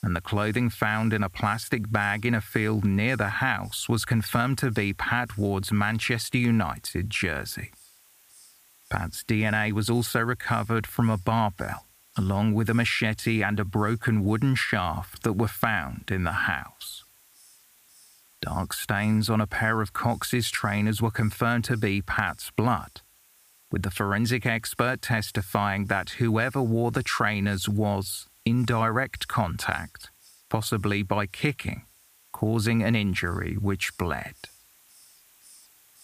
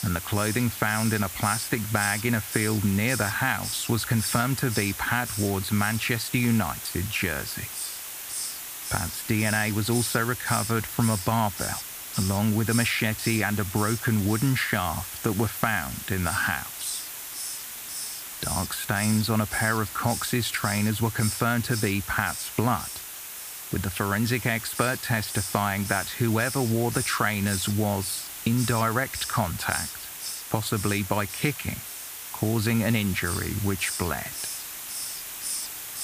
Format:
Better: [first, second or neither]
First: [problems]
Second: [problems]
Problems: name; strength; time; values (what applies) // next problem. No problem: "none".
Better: first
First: hiss; faint; throughout; 25 dB below the speech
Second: hiss; loud; throughout; 6 dB below the speech